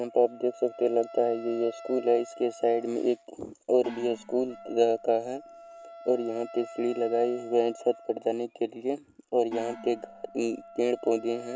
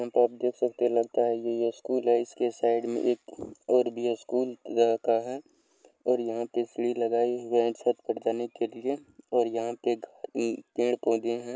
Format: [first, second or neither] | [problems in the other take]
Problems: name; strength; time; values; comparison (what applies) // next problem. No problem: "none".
second | background sound (Gong + Wind instrument, woodwind instrument); 18 dB below the speech